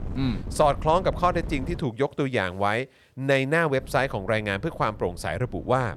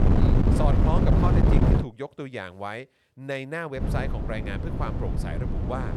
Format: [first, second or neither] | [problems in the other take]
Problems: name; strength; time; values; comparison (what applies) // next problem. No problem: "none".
first | wind noise on the microphone; heavy; until 2 s and from 4 s on; 1 dB above the speech; occasional gusts in the first